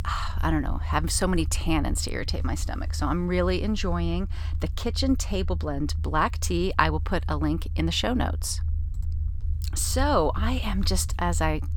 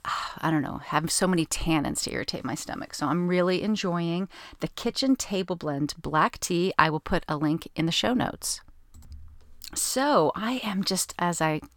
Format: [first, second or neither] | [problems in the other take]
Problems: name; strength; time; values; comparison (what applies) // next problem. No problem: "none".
second | low rumble; faint; throughout; 20 dB below the speech